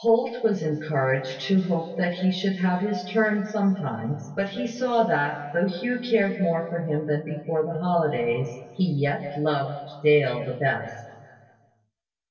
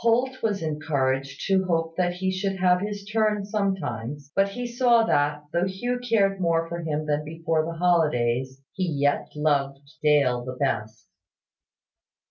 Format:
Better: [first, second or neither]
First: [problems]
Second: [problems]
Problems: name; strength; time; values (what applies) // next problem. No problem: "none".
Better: second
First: room echo; dies away in 1.9 s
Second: none